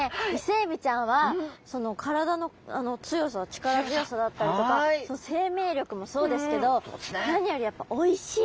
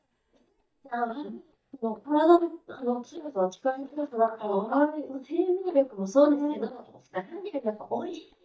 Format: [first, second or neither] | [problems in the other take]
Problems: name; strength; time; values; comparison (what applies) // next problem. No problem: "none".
first | noise reduction (neural mask model DeepFilterNet 3)